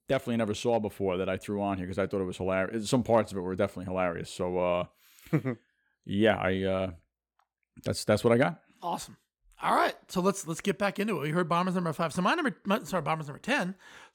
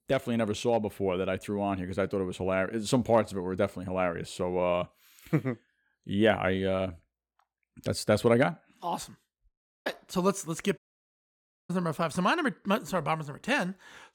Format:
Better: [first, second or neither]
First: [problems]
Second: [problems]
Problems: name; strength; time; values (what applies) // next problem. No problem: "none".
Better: first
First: none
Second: audio cutting out; at 9.5 s and at 11 s for 1 s